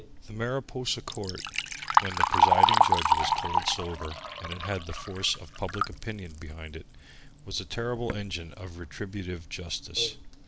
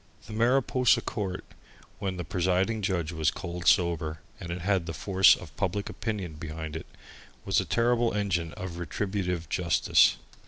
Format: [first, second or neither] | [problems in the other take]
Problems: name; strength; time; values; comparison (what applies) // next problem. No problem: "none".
second | background sound (Liquid); 5 dB above the speech